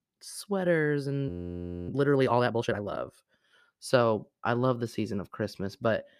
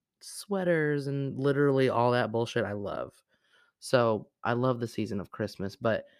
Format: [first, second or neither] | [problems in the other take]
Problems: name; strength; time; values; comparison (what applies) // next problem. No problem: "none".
second | audio freezing; at 1.5 s for 0.5 s